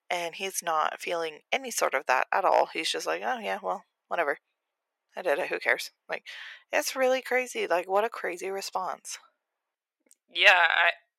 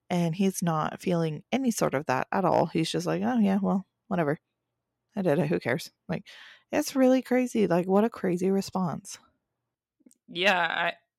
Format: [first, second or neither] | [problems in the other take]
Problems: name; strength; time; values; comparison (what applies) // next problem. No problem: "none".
second | thin; very; fading below 550 Hz